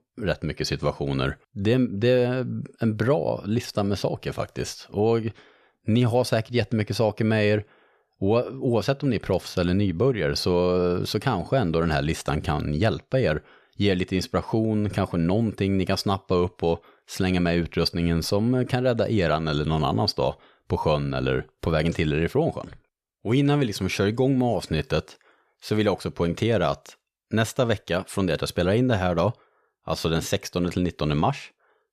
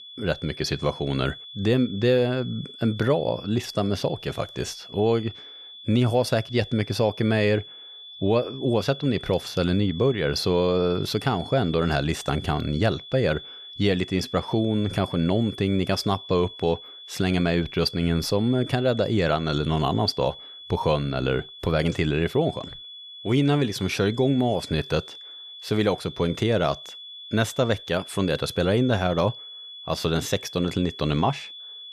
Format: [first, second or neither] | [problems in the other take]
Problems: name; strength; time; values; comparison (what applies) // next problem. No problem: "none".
first | high-pitched whine; noticeable; throughout; 3.5 kHz, 15 dB below the speech